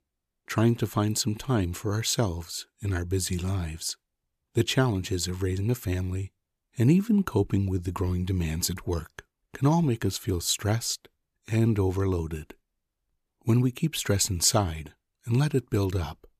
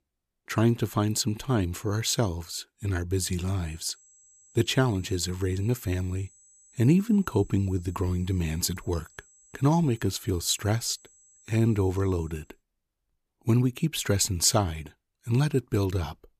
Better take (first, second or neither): first